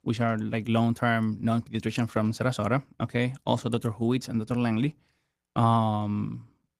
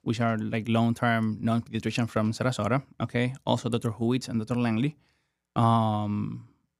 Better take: second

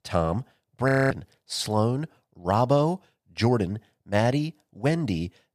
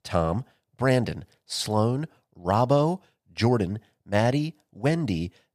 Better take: second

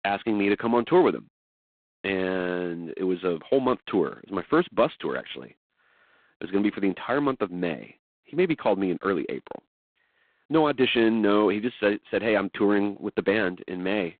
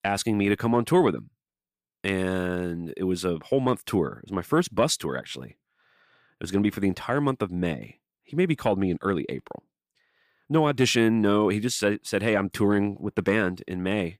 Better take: second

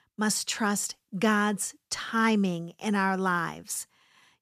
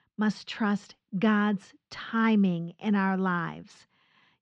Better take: first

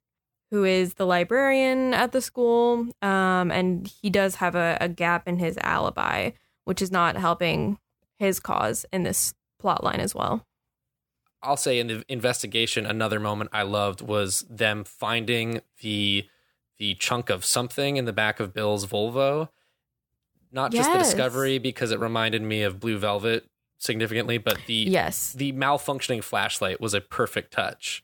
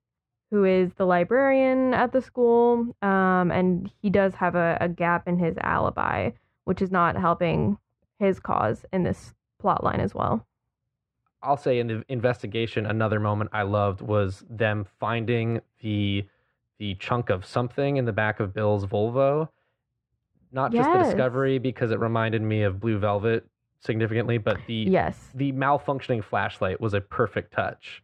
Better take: first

